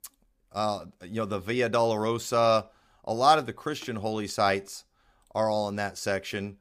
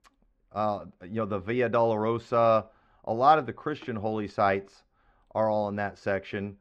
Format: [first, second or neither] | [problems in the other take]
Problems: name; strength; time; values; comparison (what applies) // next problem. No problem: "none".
first | muffled; very; fading above 2 kHz